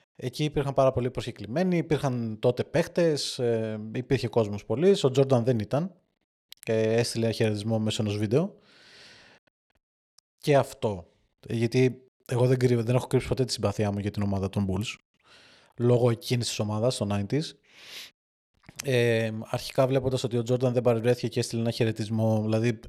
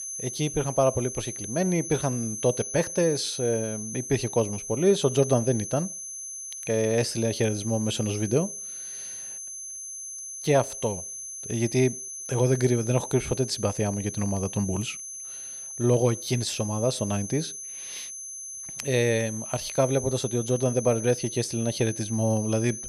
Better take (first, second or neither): first